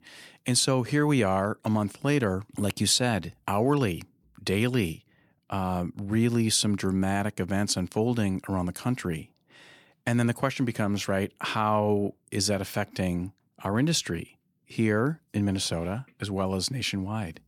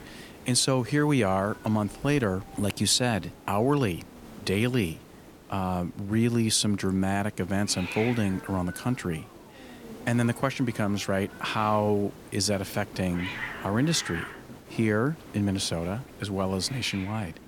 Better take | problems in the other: first | hiss; noticeable; throughout; 15 dB below the speech

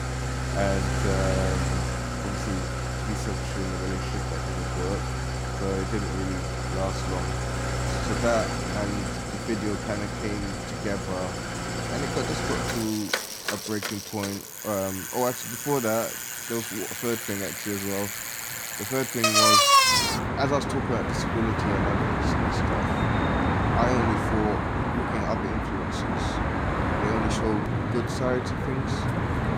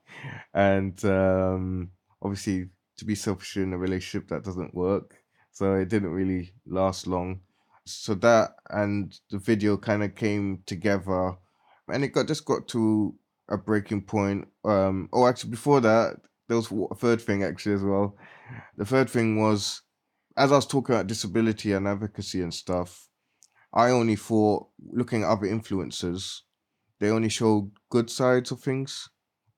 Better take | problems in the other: second | traffic noise; very loud; throughout; 5 dB above the speech

